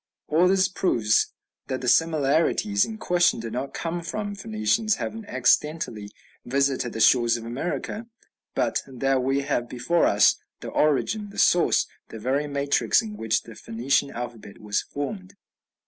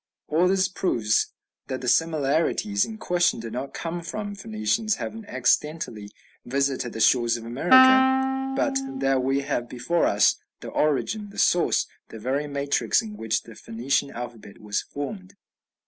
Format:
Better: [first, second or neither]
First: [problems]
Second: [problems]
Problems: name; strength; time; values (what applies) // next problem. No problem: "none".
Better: first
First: none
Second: background sound (Wind instrument, woodwind instrument); 3 dB above the speech